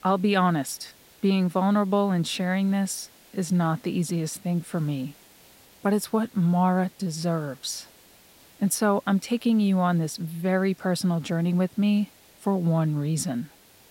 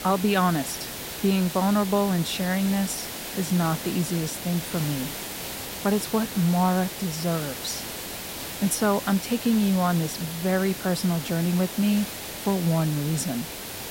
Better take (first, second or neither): first